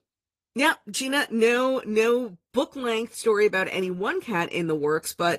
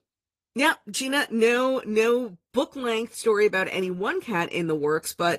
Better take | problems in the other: neither | garbled, watery; slightly; nothing above 14.5 kHz; the same in both

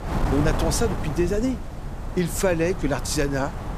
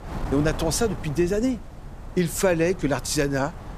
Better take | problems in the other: second | wind noise on the microphone; heavy; 8 dB below the speech; occasional gusts in the second

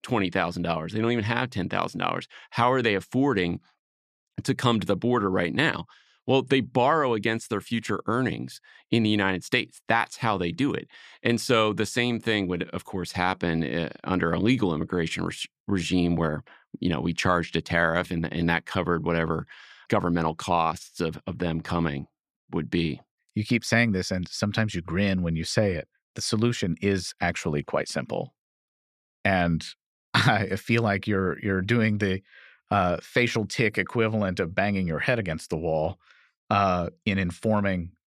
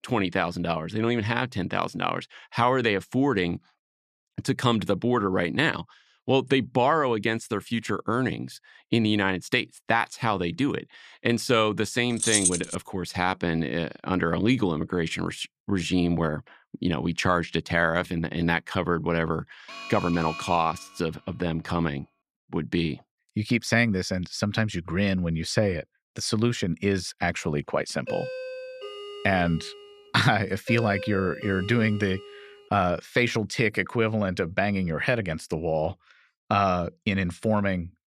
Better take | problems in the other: first | jangling keys; loud; at 12 s; peak 4 dB above the speech // alarm; noticeable; from 20 to 21 s; peak 9 dB below the speech // doorbell; noticeable; from 28 to 33 s; peak 8 dB below the speech

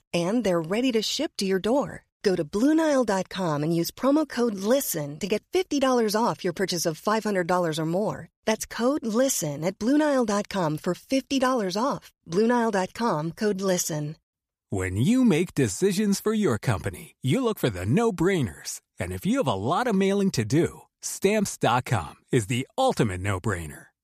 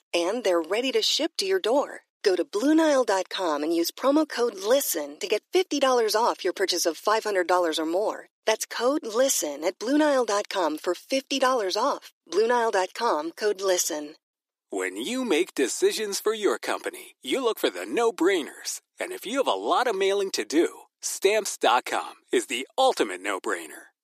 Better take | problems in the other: first | thin; somewhat; fading below 300 Hz

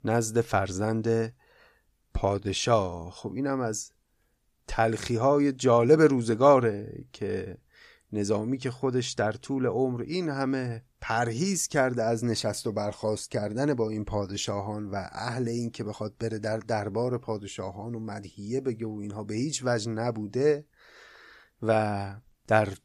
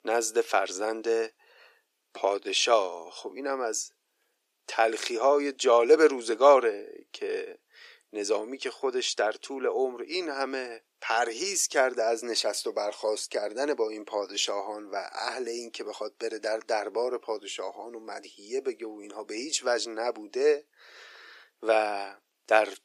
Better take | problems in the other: first | thin; very; fading below 350 Hz

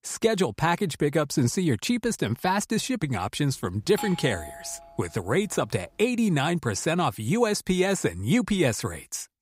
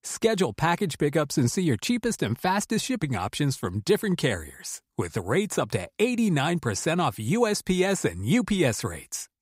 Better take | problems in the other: second | doorbell; faint; from 4 to 5 s; peak 10 dB below the speech

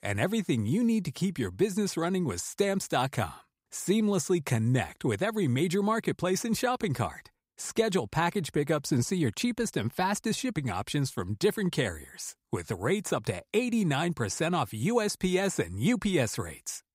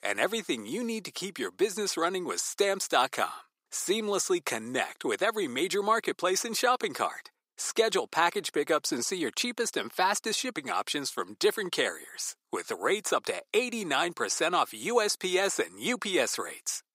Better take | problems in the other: first | thin; somewhat; fading below 350 Hz

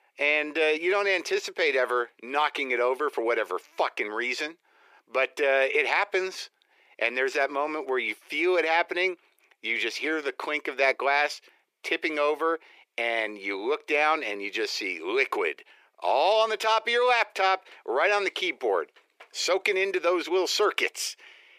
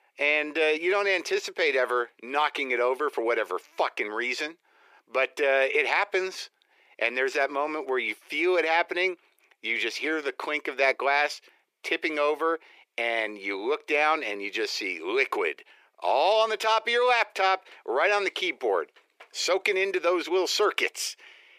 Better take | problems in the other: neither | thin; very; fading below 350 Hz; the same in both

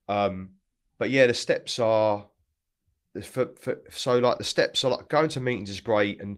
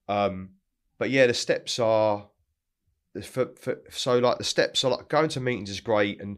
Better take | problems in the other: second | garbled, watery; slightly; nothing above 15.5 kHz

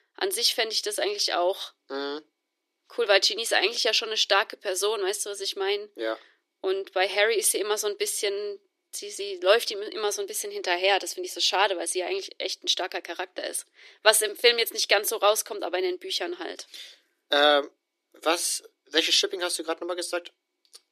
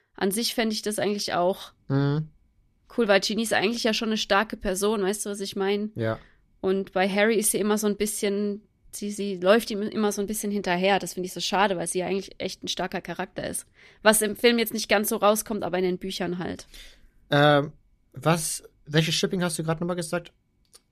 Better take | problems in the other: second | thin; very; fading below 300 Hz

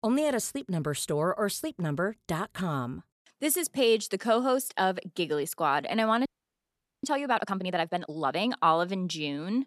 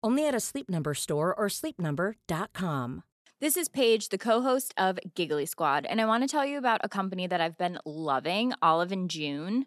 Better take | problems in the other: second | audio freezing; at 6.5 s for 1 s

